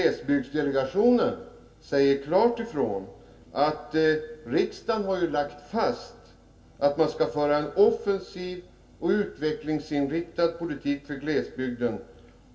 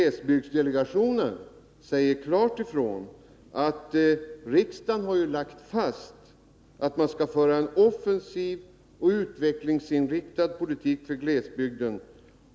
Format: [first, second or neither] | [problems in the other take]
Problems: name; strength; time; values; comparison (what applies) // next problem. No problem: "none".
second | room echo; dies away in 0.2 s